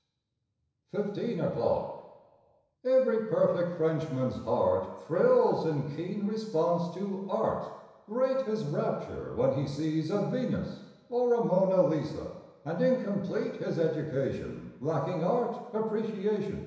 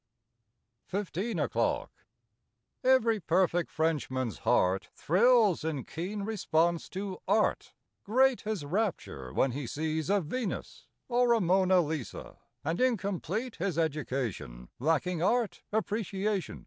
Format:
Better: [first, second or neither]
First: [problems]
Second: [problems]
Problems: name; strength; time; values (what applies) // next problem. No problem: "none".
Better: second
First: room echo; dies away in 1 s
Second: none